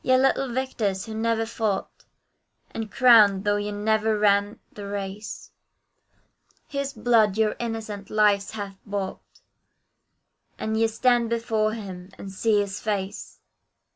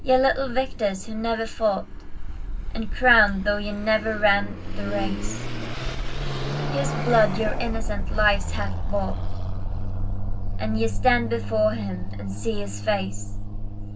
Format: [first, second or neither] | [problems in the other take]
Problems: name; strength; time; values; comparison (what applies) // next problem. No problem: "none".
first | background sound (Car passing by / Accelerating, revving, vroom); as loud as the speech // room echo; dies away in 0.4 s